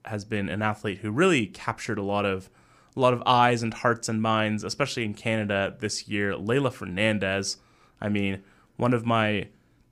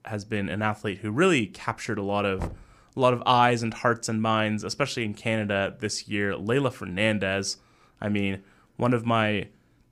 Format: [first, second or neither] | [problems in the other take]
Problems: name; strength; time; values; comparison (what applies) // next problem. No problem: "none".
first | door banging; faint; at 2.5 s; peak 10 dB below the speech